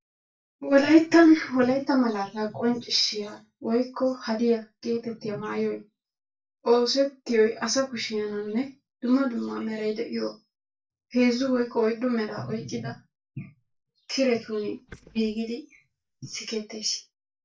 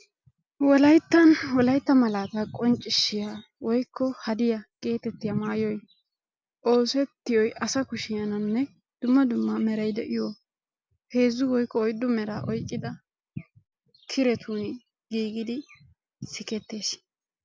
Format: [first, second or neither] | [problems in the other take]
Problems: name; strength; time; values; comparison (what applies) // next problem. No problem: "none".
second | noise reduction (neural mask model DeepFilterNet 3)